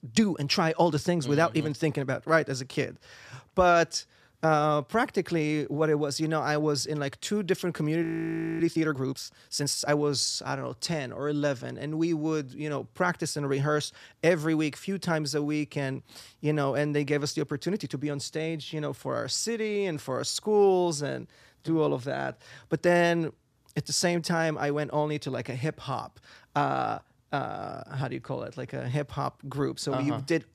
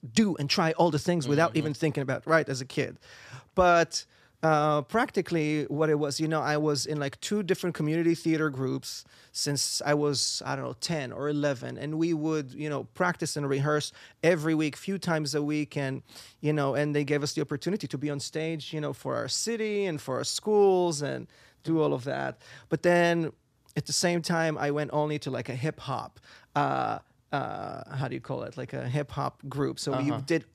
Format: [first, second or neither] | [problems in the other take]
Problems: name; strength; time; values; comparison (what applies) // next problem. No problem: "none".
second | audio freezing; at 8 s for 0.5 s